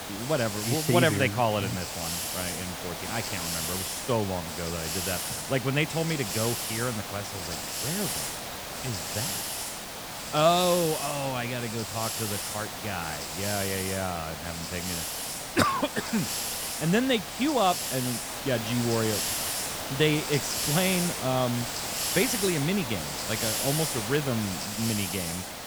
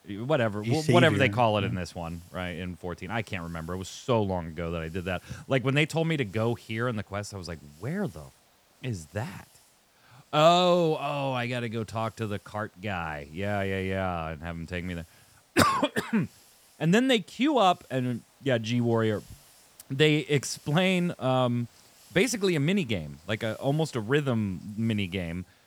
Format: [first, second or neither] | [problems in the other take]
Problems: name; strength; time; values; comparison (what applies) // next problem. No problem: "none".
second | hiss; loud; throughout; 2 dB below the speech; faint in the second